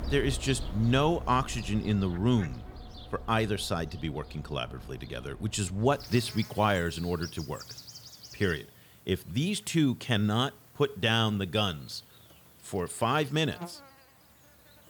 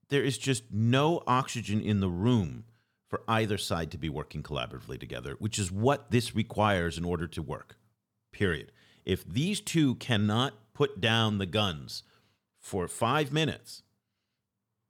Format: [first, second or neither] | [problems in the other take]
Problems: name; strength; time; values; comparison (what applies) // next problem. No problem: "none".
second | animal sounds; noticeable; throughout; 15 dB below the speech